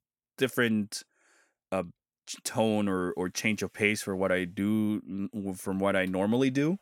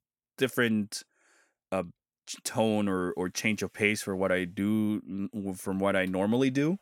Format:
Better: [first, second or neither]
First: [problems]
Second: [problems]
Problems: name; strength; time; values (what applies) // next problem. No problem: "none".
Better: neither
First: none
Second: none